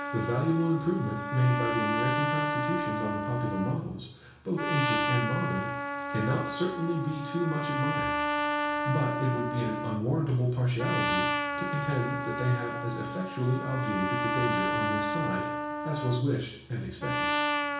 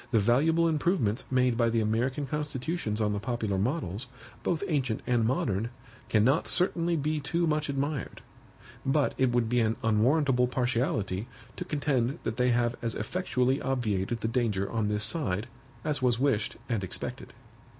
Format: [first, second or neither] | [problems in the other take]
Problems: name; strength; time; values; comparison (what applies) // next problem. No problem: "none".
second | background sound (Trumpet); 1 dB below the speech // room echo; dies away in 0.6 s